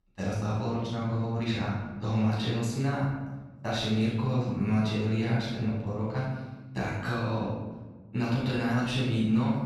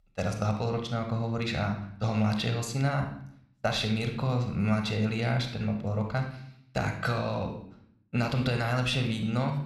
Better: second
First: room echo; strong; dies away in 1.1 s // off-mic speech; far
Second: room echo; slight; dies away in 0.6 s

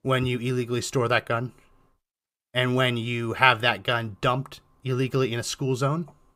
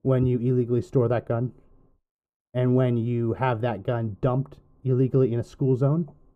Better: first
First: none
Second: muffled; very; fading above 1 kHz

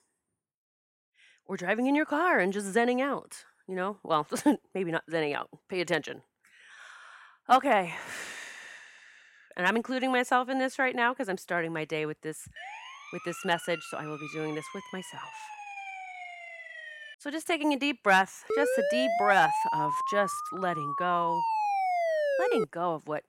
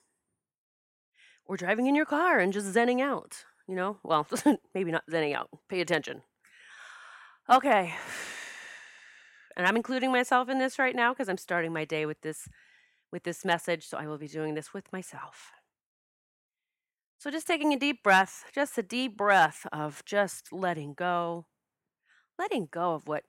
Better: second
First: siren; faint; from 13 to 17 s; peak 10 dB below the speech // siren; loud; from 19 to 23 s; peak 1 dB above the speech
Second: none

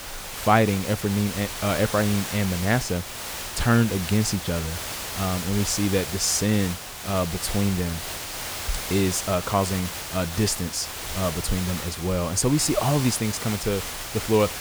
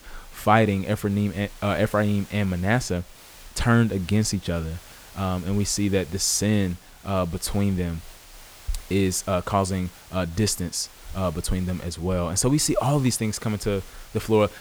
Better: second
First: hiss; loud; throughout; 6 dB below the speech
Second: hiss; faint; throughout; 20 dB below the speech

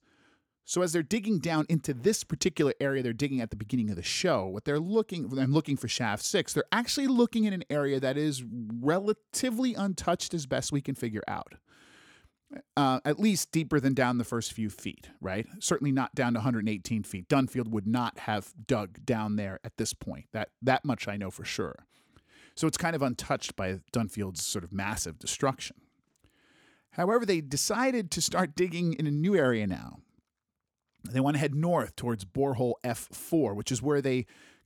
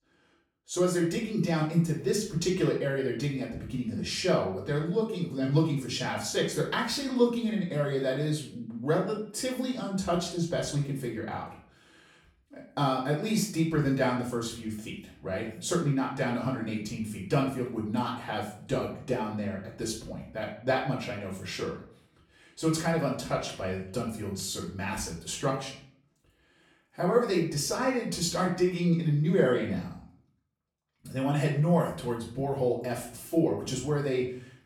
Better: first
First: none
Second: off-mic speech; far // room echo; slight; dies away in 0.4 s

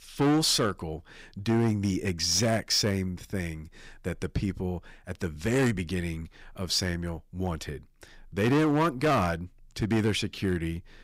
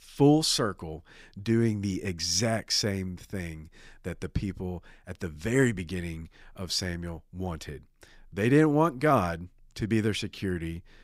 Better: second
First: distortion; heavy; 6% of the sound clipped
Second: none

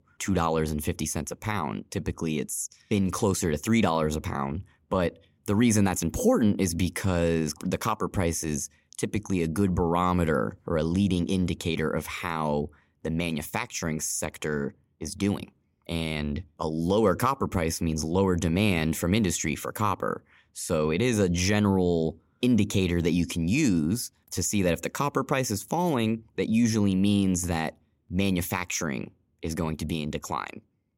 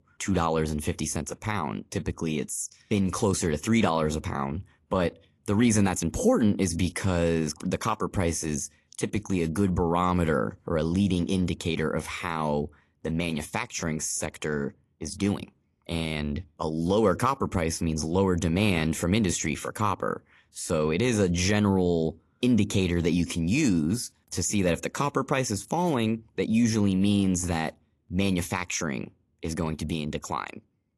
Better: first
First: none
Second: garbled, watery; slightly; nothing above 11.5 kHz

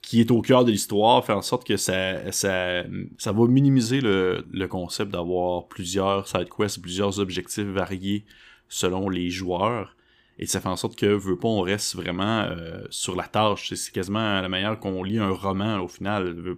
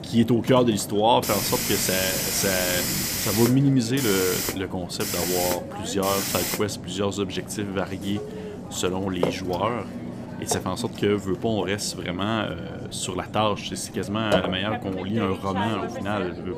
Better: first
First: none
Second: hiss; loud; throughout; 4 dB below the speech

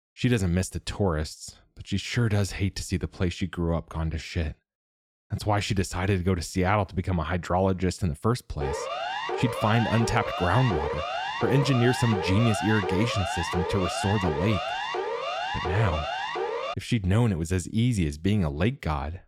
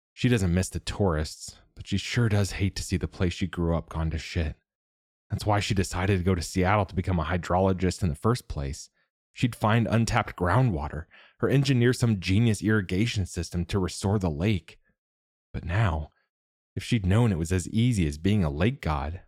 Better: second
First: siren; noticeable; from 8.5 to 17 s; peak 3 dB below the speech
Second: none

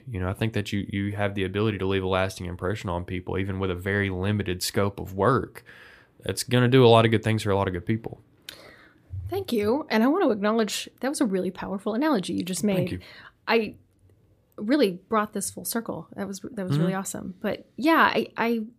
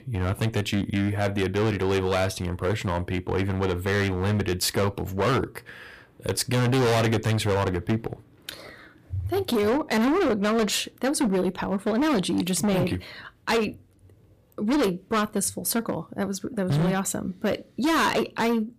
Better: first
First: none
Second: distortion; heavy; 16% of the sound clipped

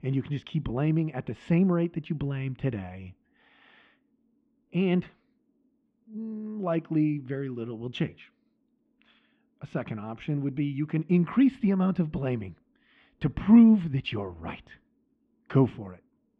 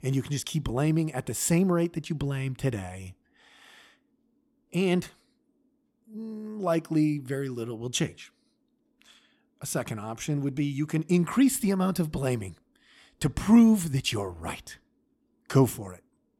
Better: second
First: muffled; very; fading above 3 kHz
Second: none

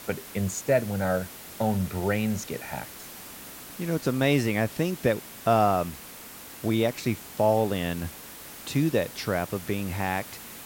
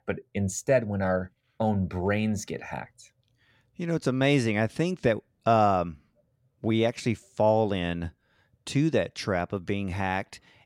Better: second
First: hiss; noticeable; throughout; 15 dB below the speech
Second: none

